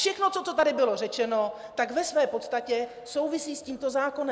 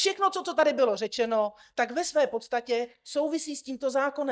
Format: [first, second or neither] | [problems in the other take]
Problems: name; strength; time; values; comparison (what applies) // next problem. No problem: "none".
first | noise reduction (neural mask model DeepFilterNet 3)